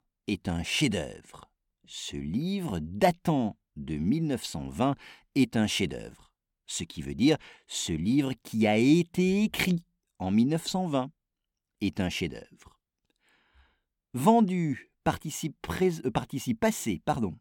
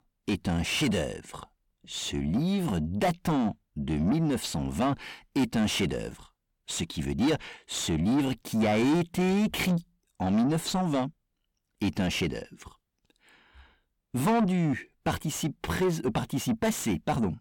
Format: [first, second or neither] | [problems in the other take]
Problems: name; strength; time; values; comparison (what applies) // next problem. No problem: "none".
first | distortion; heavy; 7 dB below the speech